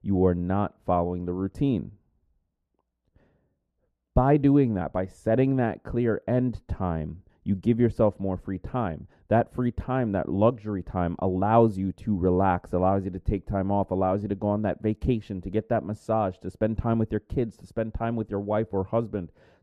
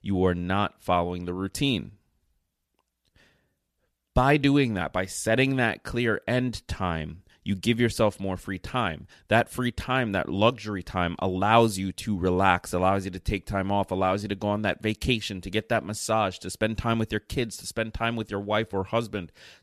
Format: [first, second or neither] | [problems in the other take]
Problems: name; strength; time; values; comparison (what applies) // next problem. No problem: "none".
second | muffled; very; fading above 1.5 kHz